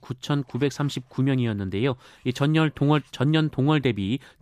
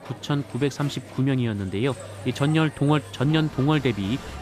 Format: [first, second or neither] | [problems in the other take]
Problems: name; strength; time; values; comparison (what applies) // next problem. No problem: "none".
first | crowd noise; noticeable; throughout; 15 dB below the speech